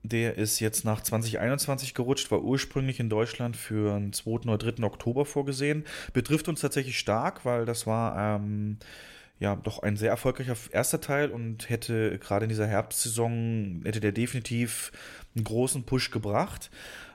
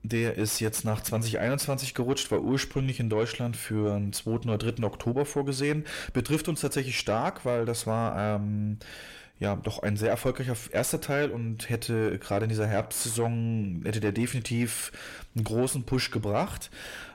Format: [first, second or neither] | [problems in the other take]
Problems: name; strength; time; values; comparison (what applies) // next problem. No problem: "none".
first | distortion; slight; 10 dB below the speech